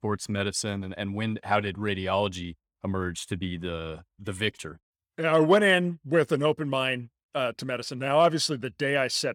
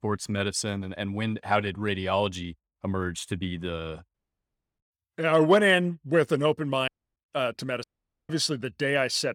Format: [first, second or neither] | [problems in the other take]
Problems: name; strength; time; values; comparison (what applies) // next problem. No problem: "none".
first | audio cutting out; at 4 s for 0.5 s, at 7 s and at 8 s